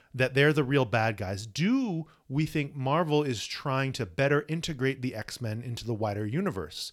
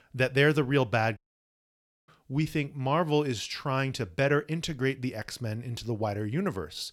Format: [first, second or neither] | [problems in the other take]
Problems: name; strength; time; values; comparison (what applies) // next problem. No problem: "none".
first | audio cutting out; at 1 s for 1 s